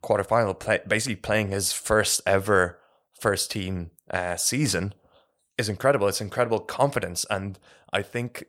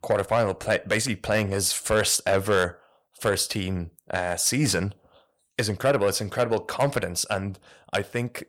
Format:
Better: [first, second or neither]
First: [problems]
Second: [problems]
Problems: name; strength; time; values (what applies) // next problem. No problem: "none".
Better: first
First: none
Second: distortion; slight; 10 dB below the speech